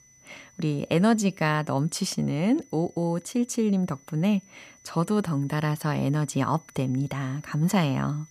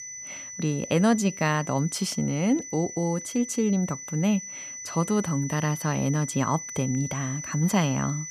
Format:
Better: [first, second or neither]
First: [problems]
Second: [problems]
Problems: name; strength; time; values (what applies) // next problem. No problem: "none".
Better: first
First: high-pitched whine; faint; throughout; 6 kHz, 30 dB below the speech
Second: high-pitched whine; loud; throughout; 6 kHz, 9 dB below the speech